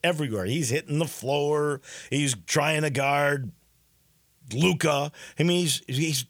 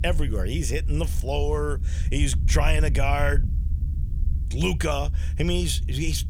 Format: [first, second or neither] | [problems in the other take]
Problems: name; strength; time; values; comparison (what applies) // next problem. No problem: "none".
first | low rumble; noticeable; throughout; 15 dB below the speech